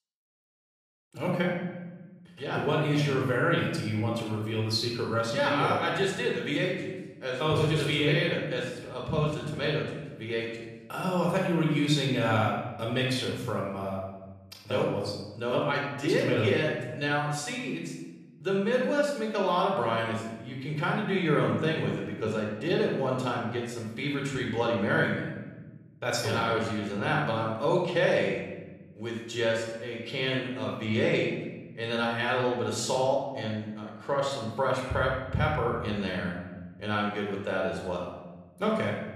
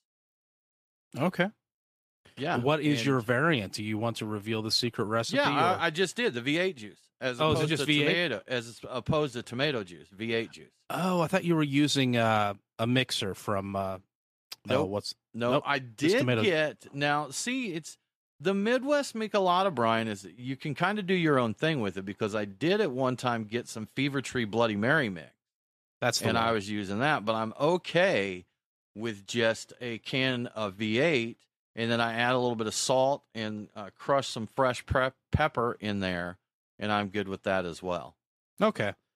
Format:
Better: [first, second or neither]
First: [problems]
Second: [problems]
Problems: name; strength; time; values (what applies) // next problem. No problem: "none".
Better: second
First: off-mic speech; somewhat distant // room echo; noticeable; dies away in 1.1 s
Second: none